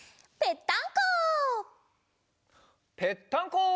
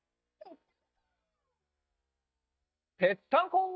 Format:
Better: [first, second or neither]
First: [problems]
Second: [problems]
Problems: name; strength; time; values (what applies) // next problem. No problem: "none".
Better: first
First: none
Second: noise reduction (neural mask model DeepFilterNet 3)